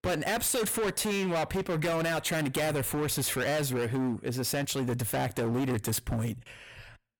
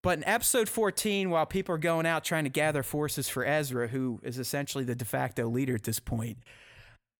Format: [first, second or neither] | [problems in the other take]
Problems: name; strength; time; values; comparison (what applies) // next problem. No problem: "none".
second | distortion; heavy; 27% of the sound clipped